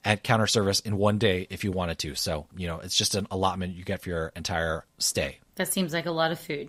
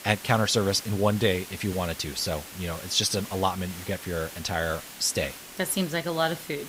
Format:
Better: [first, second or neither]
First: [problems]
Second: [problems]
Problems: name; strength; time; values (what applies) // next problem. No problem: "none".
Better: first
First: none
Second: hiss; noticeable; throughout; 15 dB below the speech